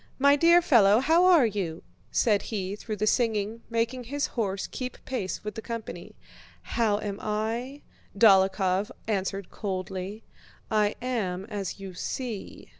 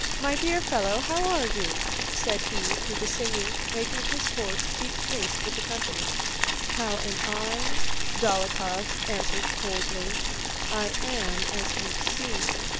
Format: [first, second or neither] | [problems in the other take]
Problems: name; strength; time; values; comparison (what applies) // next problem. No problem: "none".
first | background sound (Boiling); 5 dB above the speech